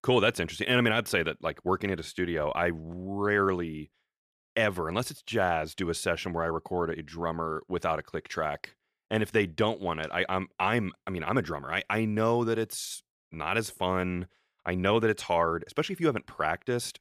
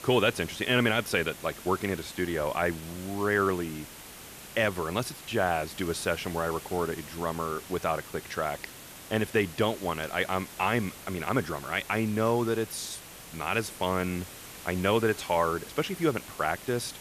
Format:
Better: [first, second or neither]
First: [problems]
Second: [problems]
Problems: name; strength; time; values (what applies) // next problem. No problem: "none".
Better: first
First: none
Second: hiss; noticeable; throughout; 15 dB below the speech